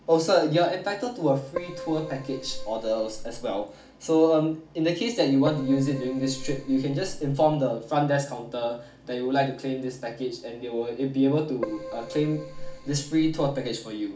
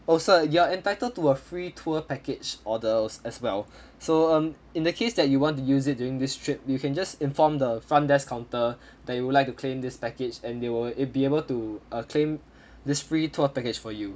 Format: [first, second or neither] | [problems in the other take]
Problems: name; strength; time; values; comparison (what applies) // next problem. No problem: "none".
second | background sound (Keyboard (musical)); 10 dB below the speech // room echo; dies away in 0.4 s